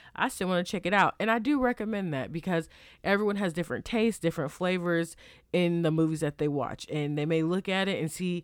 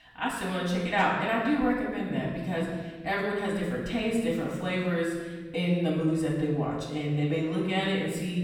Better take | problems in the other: first | off-mic speech; far // room echo; noticeable; dies away in 1.3 s

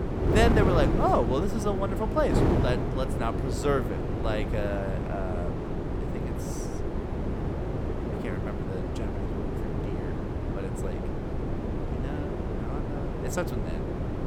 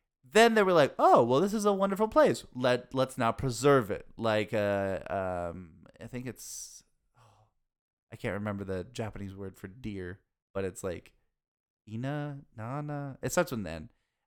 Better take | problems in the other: second | wind noise on the microphone; heavy; 4 dB below the speech

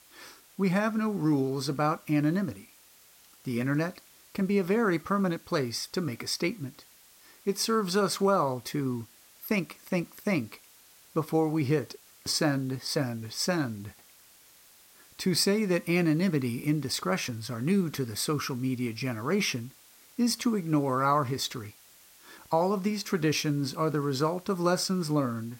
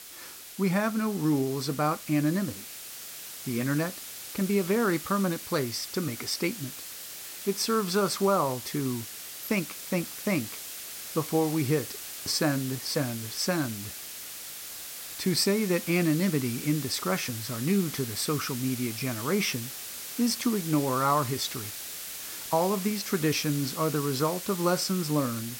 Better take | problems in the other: first | hiss; loud; throughout; 8 dB below the speech; faint in the first

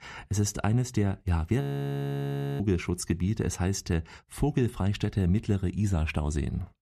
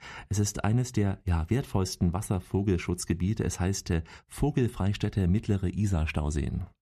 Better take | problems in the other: second | audio freezing; at 1.5 s for 1 s

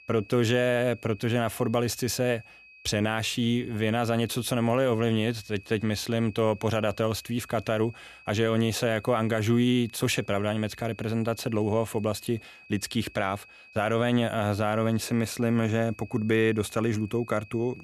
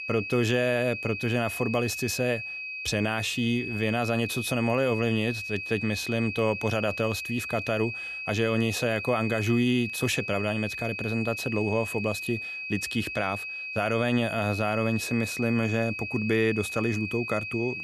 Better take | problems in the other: first | high-pitched whine; loud; throughout; 2.5 kHz, 5 dB below the speech; faint in the first

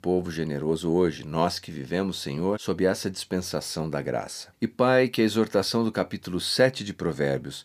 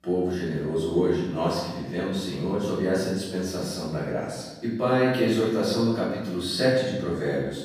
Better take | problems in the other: first | room echo; noticeable; dies away in 1 s // off-mic speech; far

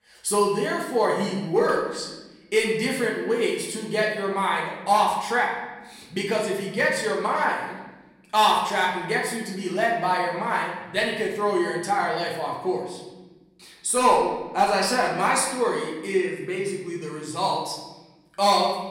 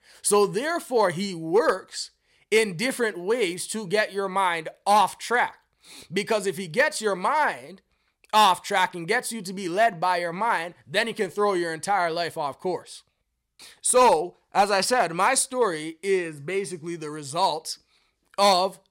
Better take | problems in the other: second | room echo; noticeable; dies away in 1.1 s // off-mic speech; far

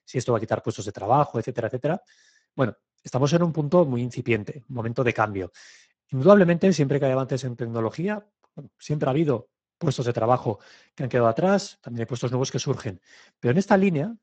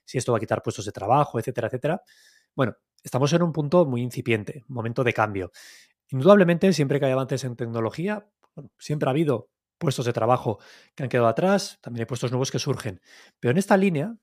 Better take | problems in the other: second | garbled, watery; badly; nothing above 7.5 kHz

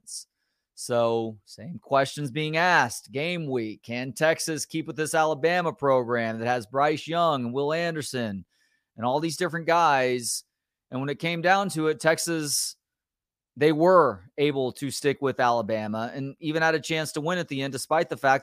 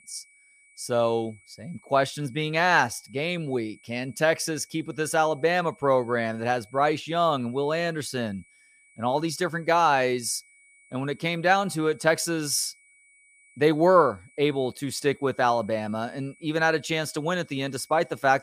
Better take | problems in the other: first | high-pitched whine; faint; throughout; 2.5 kHz, 30 dB below the speech

